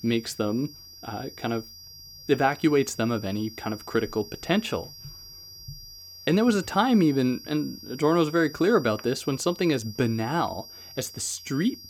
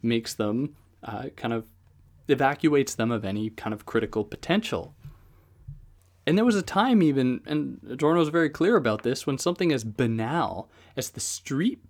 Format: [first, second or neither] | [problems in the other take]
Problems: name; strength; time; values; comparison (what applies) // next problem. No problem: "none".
second | high-pitched whine; noticeable; throughout; 5 kHz, 15 dB below the speech